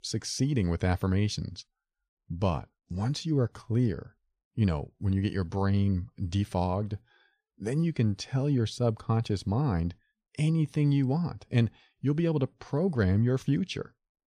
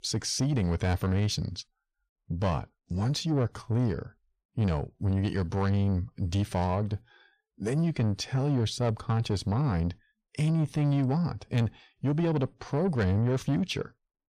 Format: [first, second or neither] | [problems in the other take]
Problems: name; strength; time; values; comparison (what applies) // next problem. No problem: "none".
first | distortion; slight; 10 dB below the speech